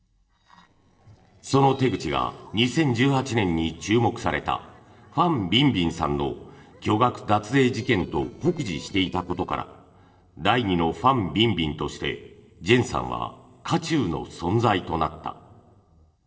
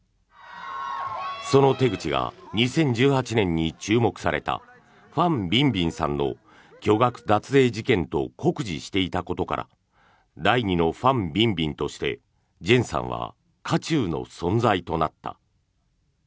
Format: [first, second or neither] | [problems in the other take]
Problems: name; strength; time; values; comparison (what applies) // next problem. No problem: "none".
second | noise reduction (neural separator model SepFormer DNS4)